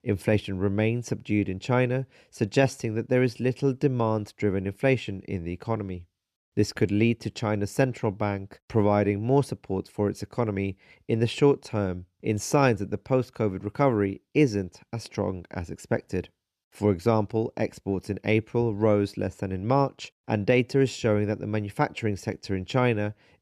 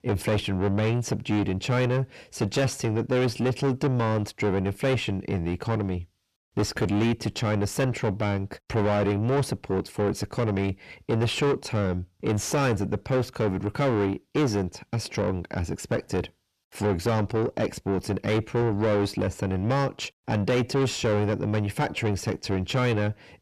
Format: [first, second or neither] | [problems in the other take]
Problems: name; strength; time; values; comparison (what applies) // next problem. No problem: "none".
first | distortion; heavy; 5 dB below the speech